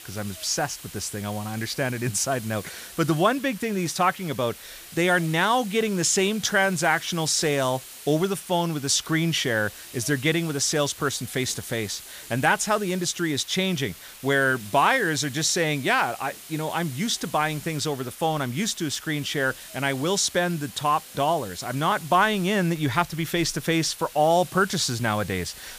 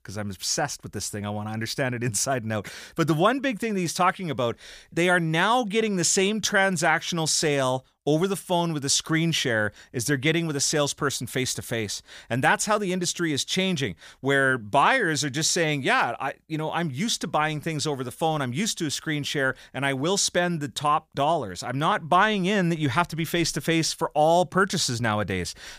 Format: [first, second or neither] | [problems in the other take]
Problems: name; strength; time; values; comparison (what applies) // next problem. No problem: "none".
second | hiss; noticeable; throughout; 15 dB below the speech